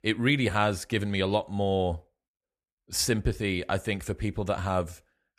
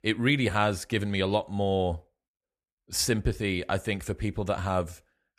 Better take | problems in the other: neither | none

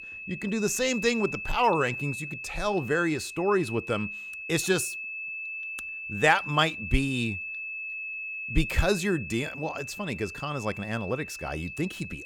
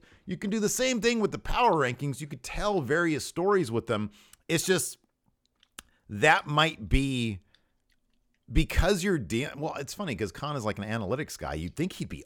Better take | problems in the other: second | high-pitched whine; loud; throughout; 2.5 kHz, 7 dB below the speech

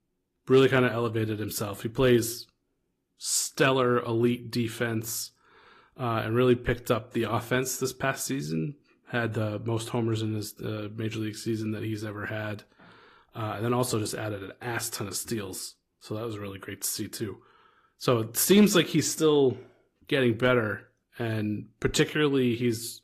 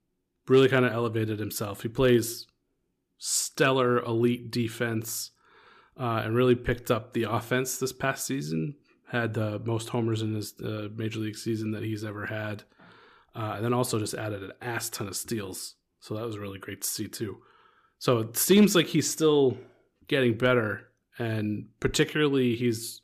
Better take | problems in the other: second | garbled, watery; slightly; nothing above 14.5 kHz

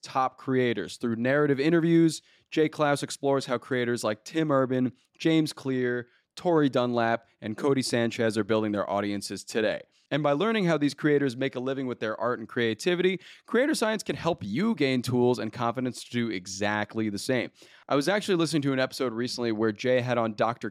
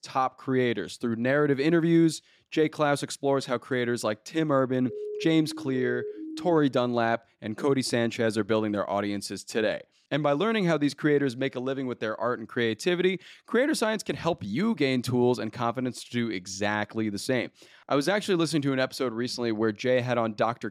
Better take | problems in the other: first | siren; noticeable; from 5 to 6.5 s; peak 8 dB below the speech

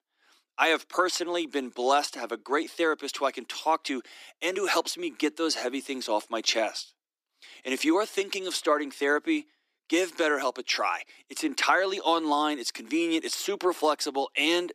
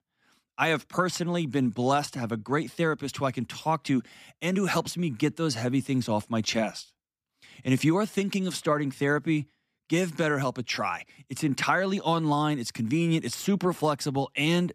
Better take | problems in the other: second | thin; somewhat; fading below 300 Hz

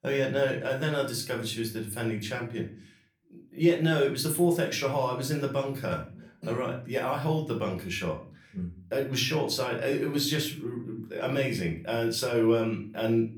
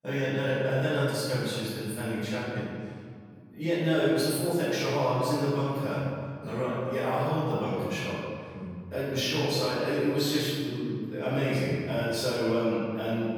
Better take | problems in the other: first | room echo; strong; dies away in 2 s; slight in the first // off-mic speech; far; far in the first

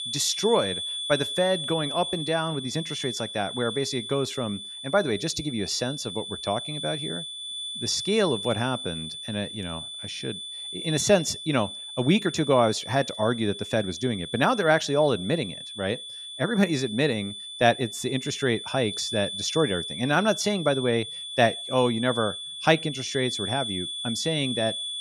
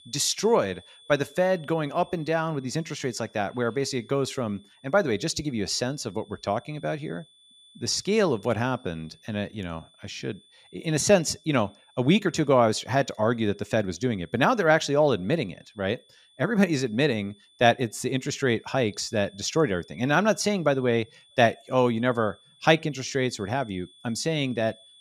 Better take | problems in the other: second | high-pitched whine; loud; throughout; 3.5 kHz, 6 dB below the speech; faint in the second

